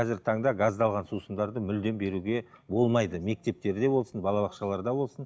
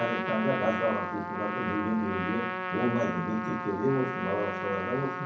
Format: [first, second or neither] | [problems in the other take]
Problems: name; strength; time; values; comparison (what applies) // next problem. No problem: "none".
first | background sound (Trumpet); 3 dB below the speech // room echo; dies away in 0.6 s